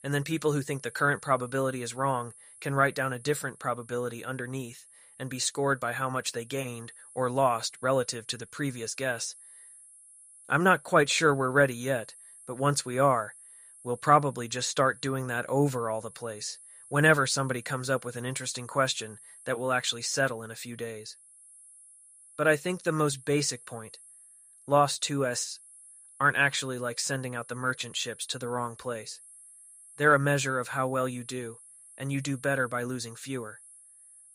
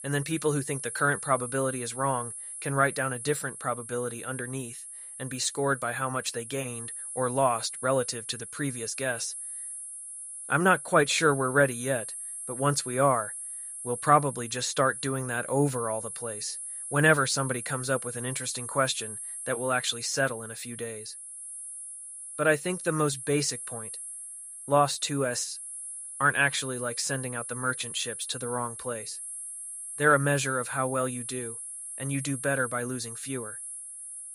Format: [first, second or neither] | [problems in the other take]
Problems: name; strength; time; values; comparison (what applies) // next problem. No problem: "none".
first | high-pitched whine; loud; throughout; 11 kHz, 8 dB below the speech; faint in the first